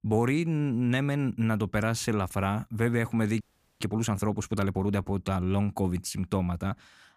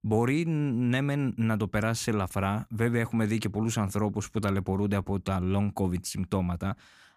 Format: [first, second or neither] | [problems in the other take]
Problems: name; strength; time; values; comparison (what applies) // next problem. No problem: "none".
second | audio freezing; at 3.5 s